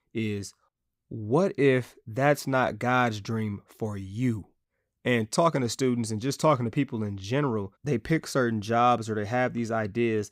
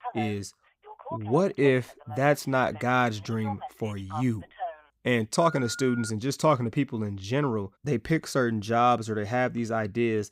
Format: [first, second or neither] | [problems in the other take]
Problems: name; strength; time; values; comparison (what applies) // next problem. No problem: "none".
first | phone ringing; noticeable; until 6 s; peak 10 dB below the speech